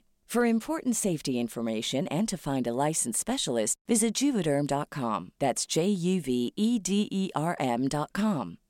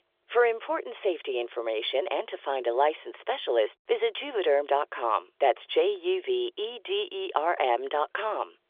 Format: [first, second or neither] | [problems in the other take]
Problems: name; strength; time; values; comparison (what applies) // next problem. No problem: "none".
first | phone-call audio; nothing above 3.5 kHz